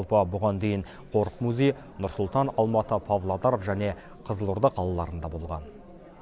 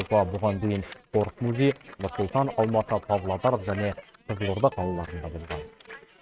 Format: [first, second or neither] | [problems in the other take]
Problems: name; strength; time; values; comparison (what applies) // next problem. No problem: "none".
first | noise reduction (neural mask model RNNoise)